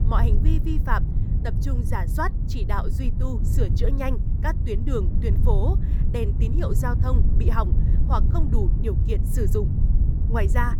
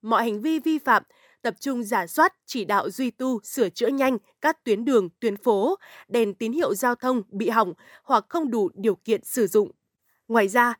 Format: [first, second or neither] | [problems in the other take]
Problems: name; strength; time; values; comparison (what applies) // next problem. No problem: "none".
second | low rumble; loud; throughout; 7 dB below the speech